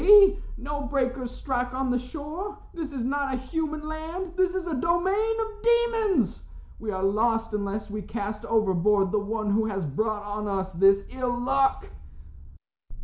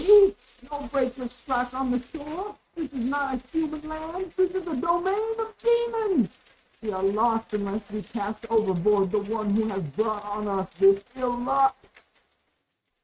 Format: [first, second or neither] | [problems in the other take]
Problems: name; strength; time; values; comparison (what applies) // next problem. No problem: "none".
first | noise reduction (neural mask model RNNoise)